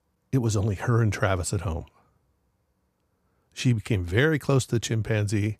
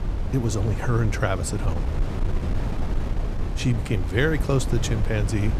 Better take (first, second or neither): first